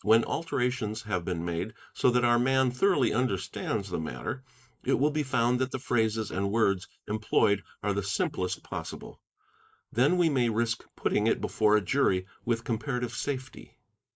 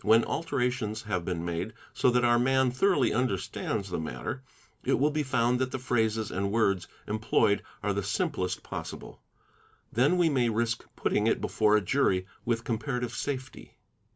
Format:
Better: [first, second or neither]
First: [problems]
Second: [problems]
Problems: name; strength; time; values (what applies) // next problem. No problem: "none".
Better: second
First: noise reduction (neural mask model Resemble Enhance denoiser)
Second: none